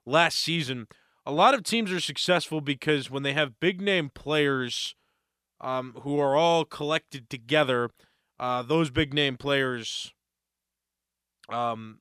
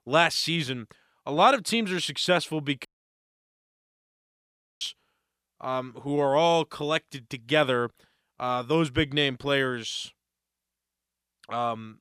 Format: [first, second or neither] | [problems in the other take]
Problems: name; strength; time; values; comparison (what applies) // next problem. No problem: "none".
first | audio cutting out; at 3 s for 2 s